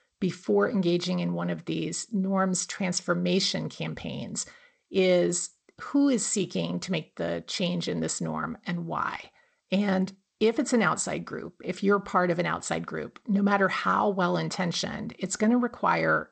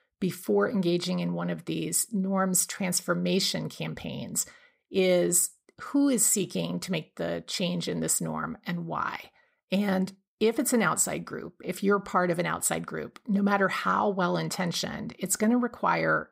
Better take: second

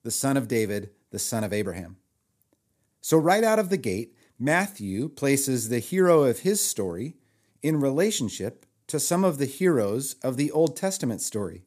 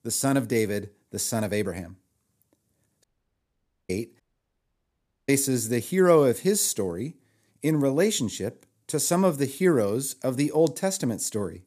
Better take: first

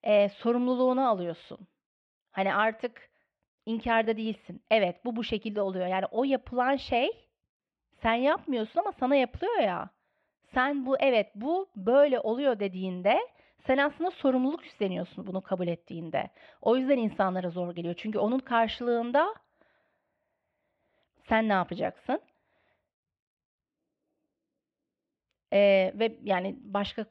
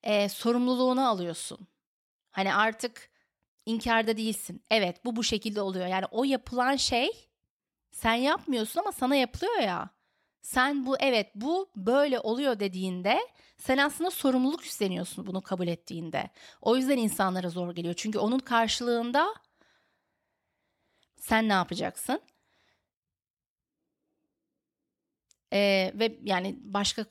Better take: second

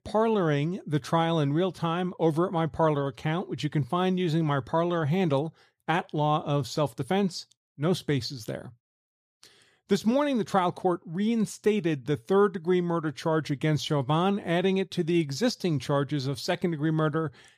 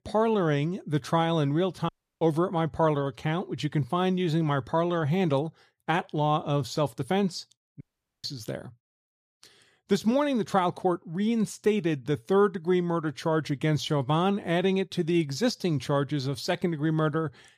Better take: first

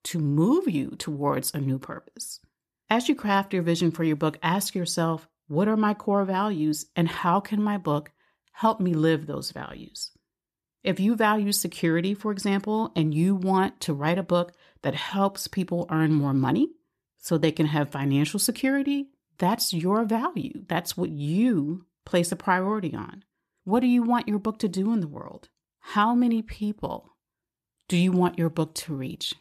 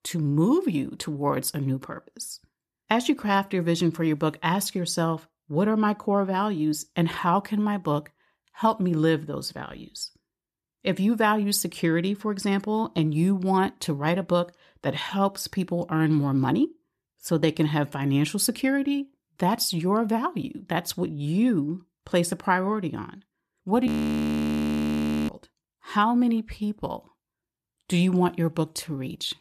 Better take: first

